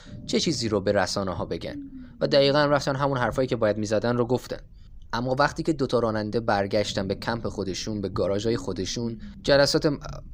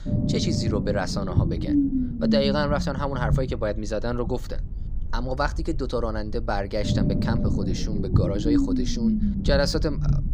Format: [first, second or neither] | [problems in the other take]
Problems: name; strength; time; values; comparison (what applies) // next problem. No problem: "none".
first | low rumble; loud; throughout; 4 dB below the speech; faint in the first